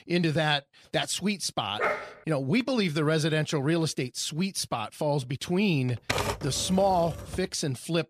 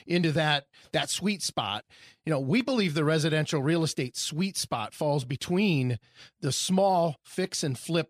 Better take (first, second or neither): second